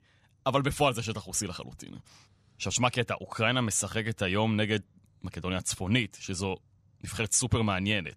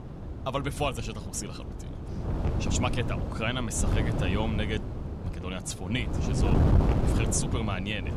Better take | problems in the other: first | wind noise on the microphone; heavy; 4 dB below the speech

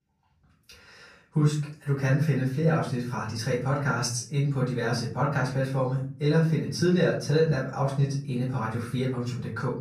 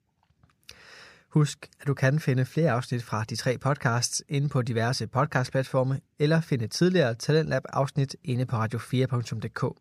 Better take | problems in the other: second | off-mic speech; far // room echo; slight; dies away in 0.4 s

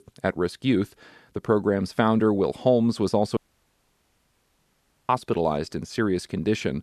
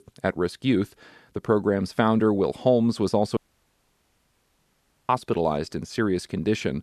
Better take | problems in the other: neither | audio cutting out; at 3.5 s for 1.5 s; the same in both

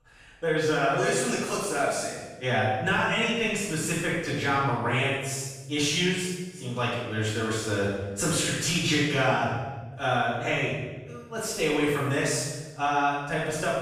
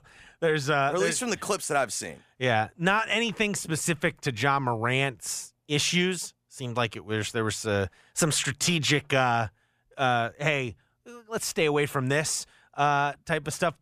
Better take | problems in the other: second | off-mic speech; far // room echo; strong; dies away in 1.1 s

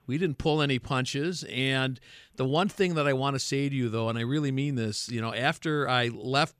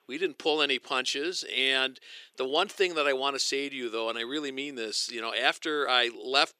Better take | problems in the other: first | thin; somewhat; fading below 350 Hz

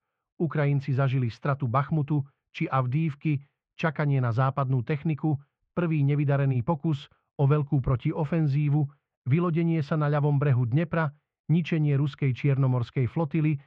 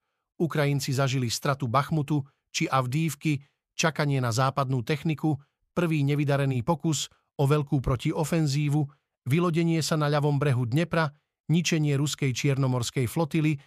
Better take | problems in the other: second | muffled; very; fading above 2.5 kHz

